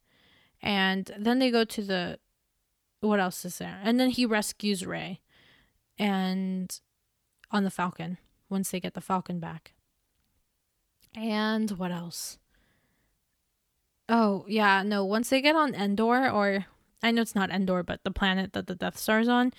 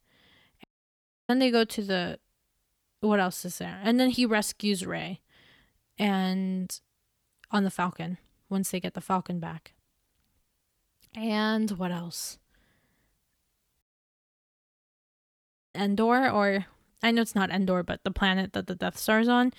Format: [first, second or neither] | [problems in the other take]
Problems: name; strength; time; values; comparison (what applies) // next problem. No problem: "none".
first | audio cutting out; at 0.5 s for 0.5 s and at 14 s for 2 s